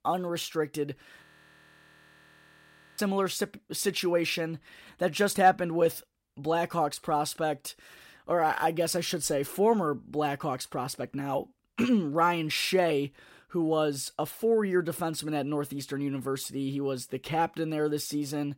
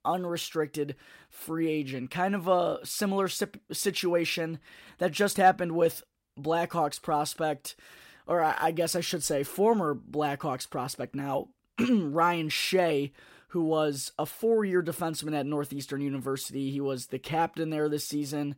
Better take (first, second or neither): second